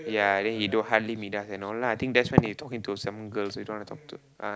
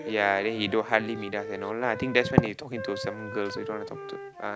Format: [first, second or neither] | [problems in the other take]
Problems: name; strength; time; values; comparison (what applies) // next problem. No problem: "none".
first | background sound (Wind instrument, woodwind instrument); 11 dB below the speech